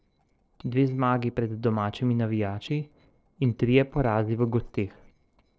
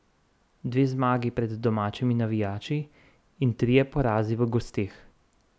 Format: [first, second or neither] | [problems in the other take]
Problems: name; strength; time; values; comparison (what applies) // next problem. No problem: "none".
second | noise reduction (neural separator model SepFormer DNS4)